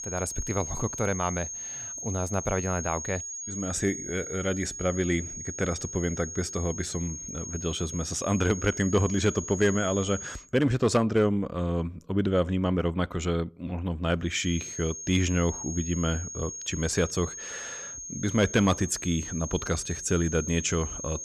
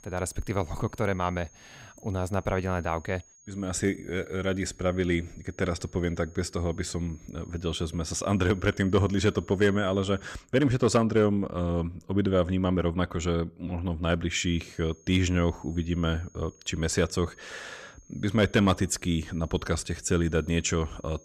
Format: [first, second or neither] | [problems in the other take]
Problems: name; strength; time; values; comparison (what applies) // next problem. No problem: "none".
second | high-pitched whine; loud; until 10 s and from 14 s on; 6.5 kHz, 7 dB below the speech; faint in the second